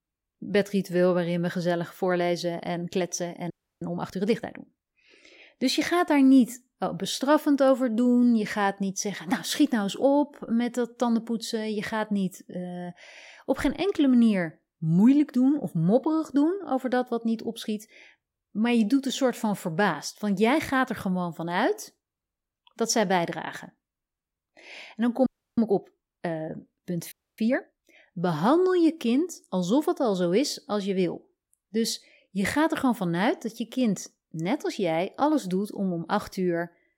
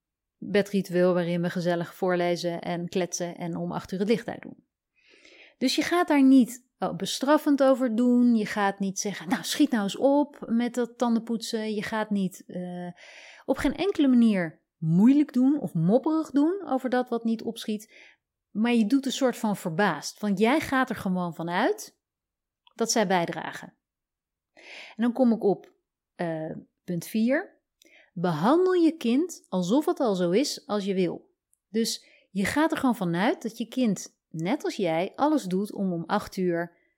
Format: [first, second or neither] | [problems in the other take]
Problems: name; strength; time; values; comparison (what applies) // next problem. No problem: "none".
second | audio freezing; at 3.5 s, at 25 s and at 27 s